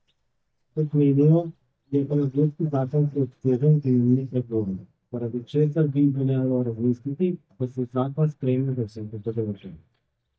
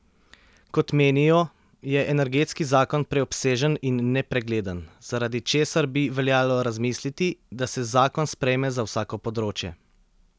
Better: second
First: noise reduction (neural mask model DeepFilterNet 3)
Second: none

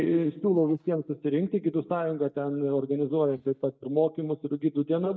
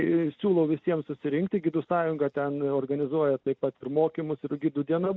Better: second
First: noise reduction (neural mask model DeepFilterNet 3)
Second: none

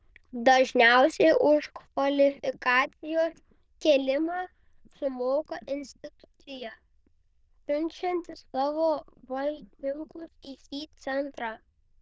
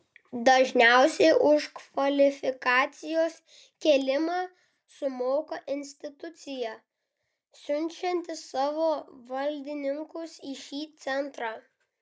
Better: second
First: noise reduction (neural diffusion model UNIVERSE++)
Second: none

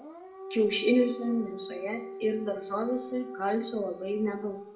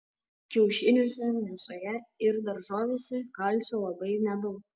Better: second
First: background sound (Siren / Dog); 12 dB below the speech // room echo; dies away in 0.4 s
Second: none

